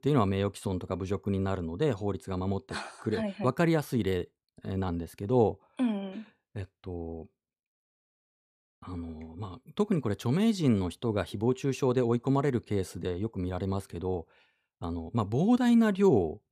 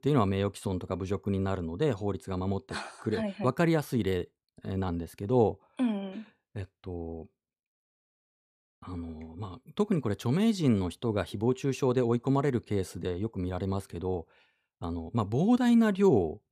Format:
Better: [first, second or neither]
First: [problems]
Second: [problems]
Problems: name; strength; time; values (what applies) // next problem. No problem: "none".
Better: neither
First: none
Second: none